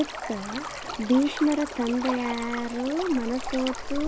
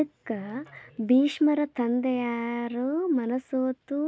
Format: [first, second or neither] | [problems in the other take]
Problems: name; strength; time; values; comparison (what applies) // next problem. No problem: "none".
second | background sound (Stream); 7 dB below the speech